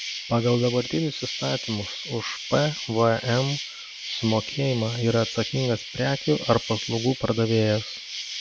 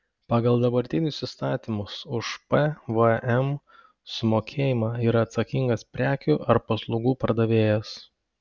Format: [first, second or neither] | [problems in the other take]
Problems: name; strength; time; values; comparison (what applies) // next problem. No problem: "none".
second | background sound (Insect); 10 dB below the speech